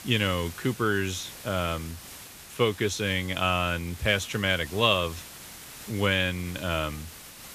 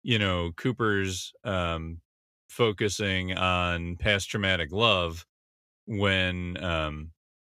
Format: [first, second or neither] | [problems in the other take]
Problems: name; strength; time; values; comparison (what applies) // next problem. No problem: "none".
second | hiss; noticeable; throughout; 15 dB below the speech